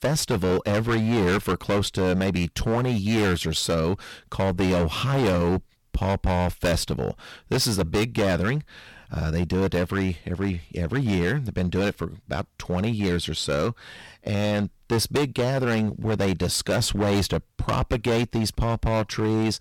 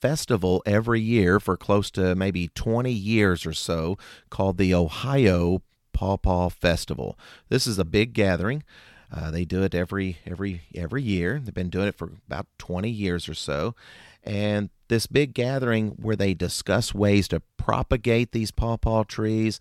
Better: second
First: distortion; heavy; 17% of the sound clipped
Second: none

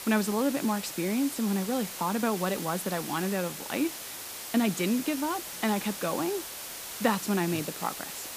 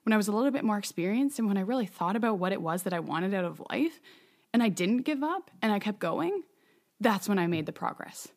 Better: second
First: hiss; loud; throughout; 7 dB below the speech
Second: none

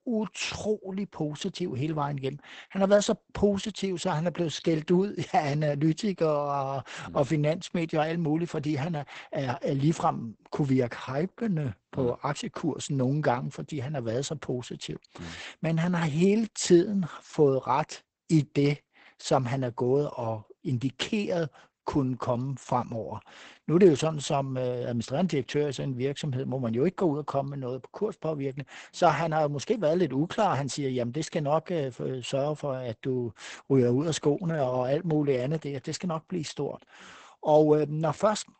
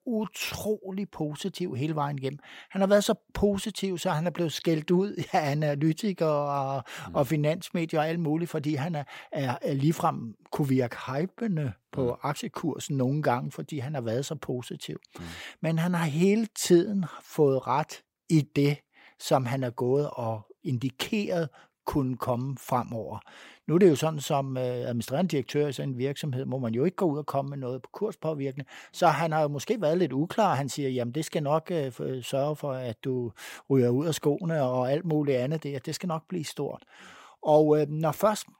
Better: second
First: garbled, watery; badly; nothing above 8 kHz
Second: none

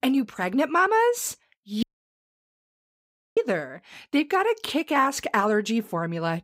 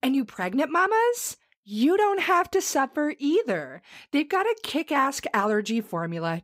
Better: second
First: audio cutting out; at 2 s for 1.5 s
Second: none

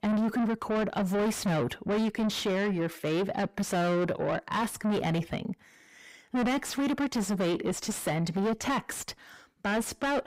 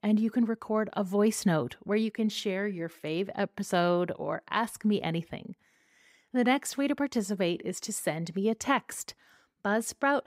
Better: second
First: distortion; heavy; 6 dB below the speech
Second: none

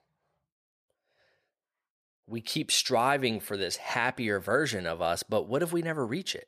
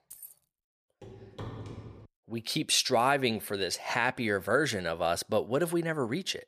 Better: first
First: none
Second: jangling keys; faint; at the start; peak 20 dB below the speech // footsteps; faint; from 1 to 2 s; peak 15 dB below the speech

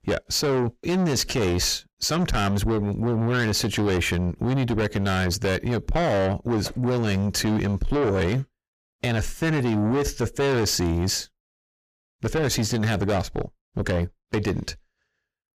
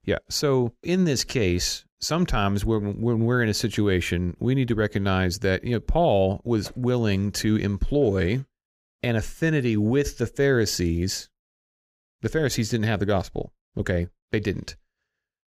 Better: second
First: distortion; heavy; 7 dB below the speech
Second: none

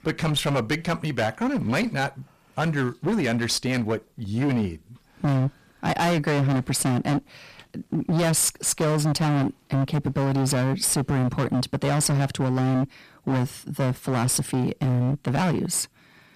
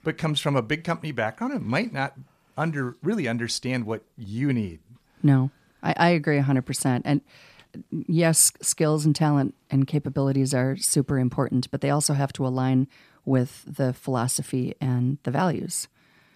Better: second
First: distortion; heavy; 24% of the sound clipped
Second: none

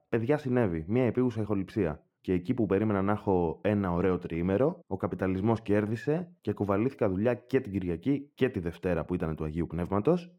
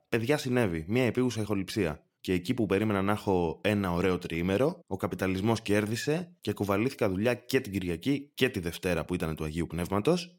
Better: second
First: muffled; very; fading above 2.5 kHz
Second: none

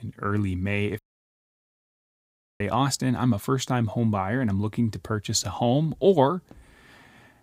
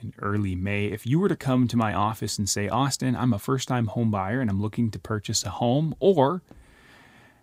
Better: second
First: audio cutting out; at 1 s for 1.5 s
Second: none

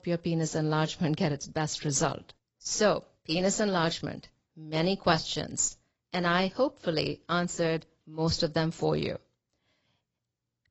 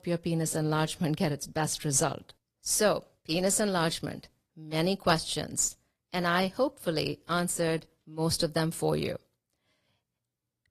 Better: second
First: garbled, watery; badly; nothing above 7.5 kHz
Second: garbled, watery; slightly; nothing above 12.5 kHz

